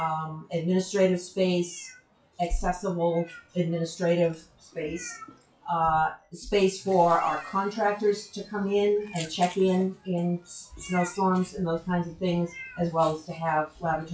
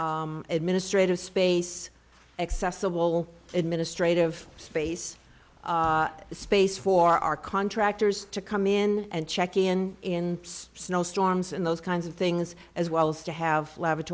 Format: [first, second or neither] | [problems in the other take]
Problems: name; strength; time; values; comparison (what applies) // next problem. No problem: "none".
second | noise reduction (classical method WPE with log-MMSE)